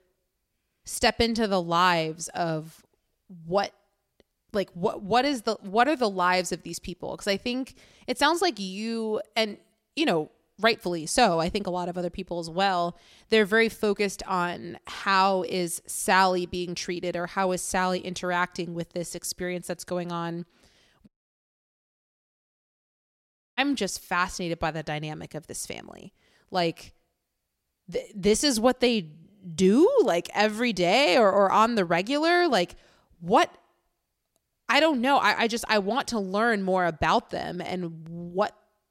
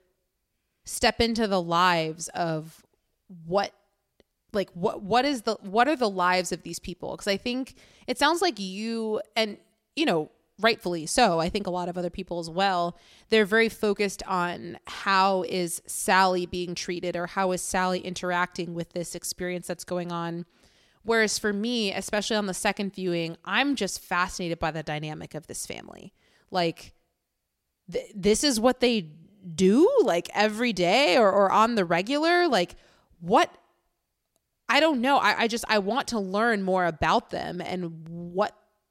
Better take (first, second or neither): second